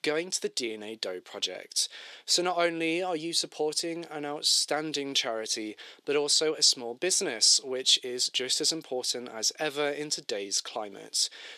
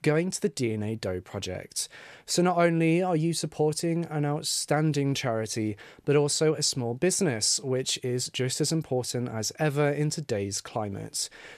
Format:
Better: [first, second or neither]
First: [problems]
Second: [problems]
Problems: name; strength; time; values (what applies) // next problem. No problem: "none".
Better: second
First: thin; somewhat; fading below 300 Hz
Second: none